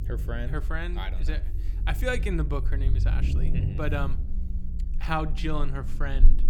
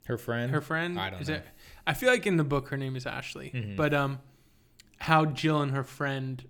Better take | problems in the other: second | low rumble; noticeable; throughout; 15 dB below the speech

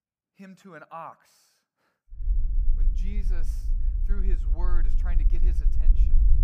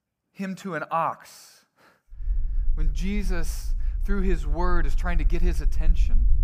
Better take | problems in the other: second | low rumble; loud; from 2 s on; 8 dB below the speech; faint in the second

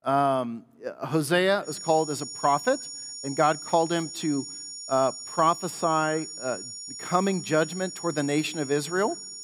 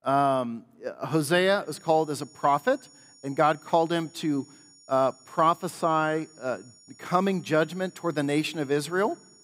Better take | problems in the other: second | high-pitched whine; loud; from 1.5 s on; 7 kHz, 10 dB below the speech; faint in the second

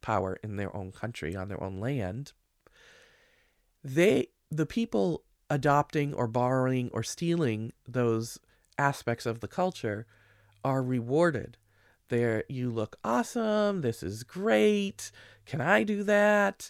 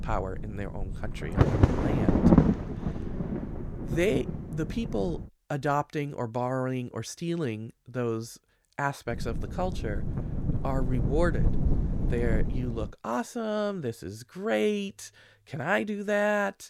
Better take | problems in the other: first | wind noise on the microphone; heavy; until 5.5 s and from 9 to 13 s; 3 dB below the speech

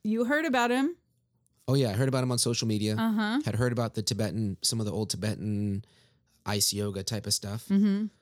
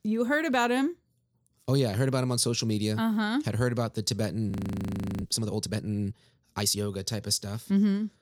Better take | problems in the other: first | audio freezing; at 4.5 s for 0.5 s

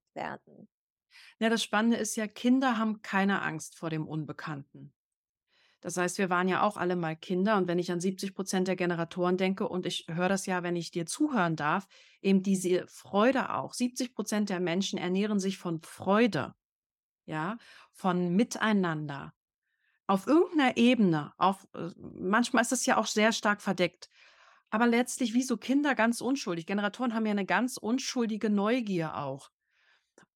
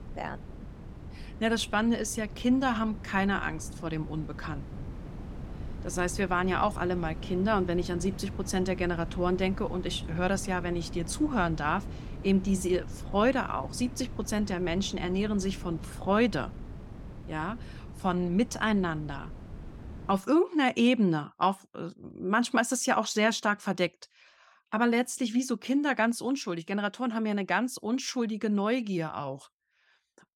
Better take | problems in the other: first | wind noise on the microphone; occasional gusts; until 20 s; 20 dB below the speech

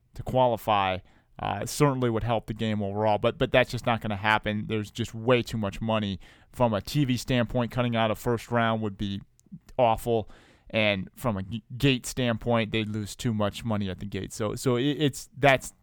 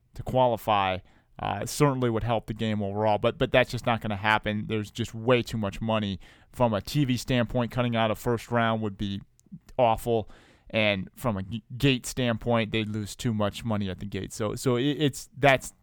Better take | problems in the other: neither | none

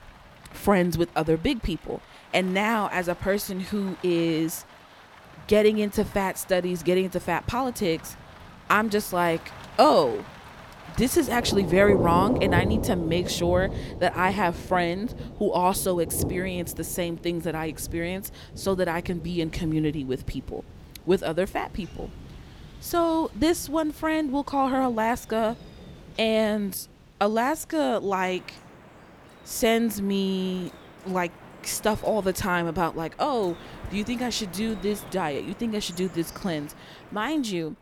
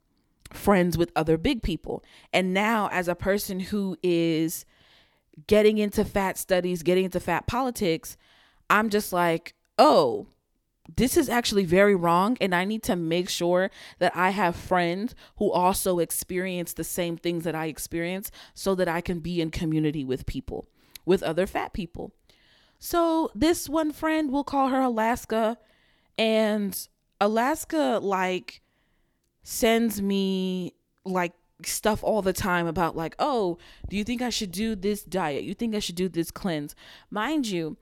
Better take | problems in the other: second | rain or running water; noticeable; throughout; 10 dB below the speech

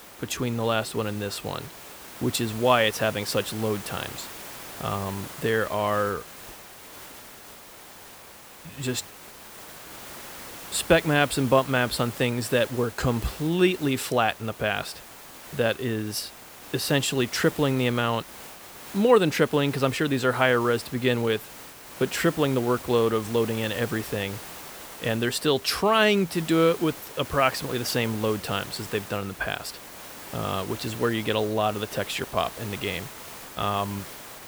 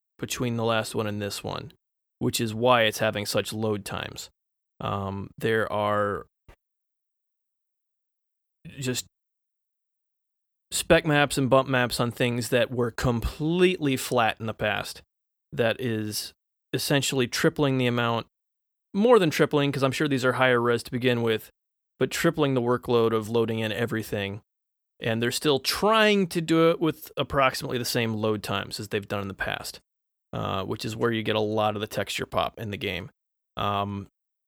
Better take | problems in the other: second | hiss; noticeable; throughout; 15 dB below the speech

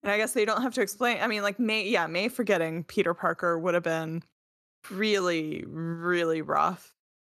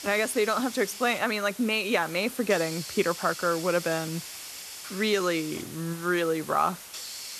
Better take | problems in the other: first | hiss; noticeable; throughout; 10 dB below the speech

